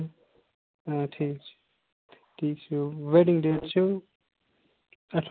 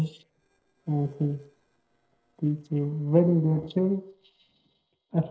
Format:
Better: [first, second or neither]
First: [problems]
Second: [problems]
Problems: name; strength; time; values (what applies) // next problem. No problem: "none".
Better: first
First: none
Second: noise reduction (neural separator model SepFormer DNS4)